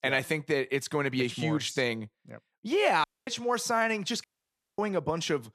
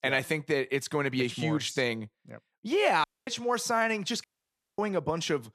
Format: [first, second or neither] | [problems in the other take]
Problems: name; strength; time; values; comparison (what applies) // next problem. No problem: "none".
neither | audio cutting out; at 3 s and at 4 s for 0.5 s; the same in both